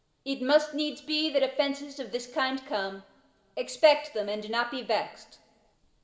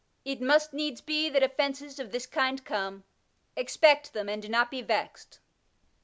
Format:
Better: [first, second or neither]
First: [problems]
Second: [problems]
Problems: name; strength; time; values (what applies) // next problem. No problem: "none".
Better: second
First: room echo; dies away in 2 s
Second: none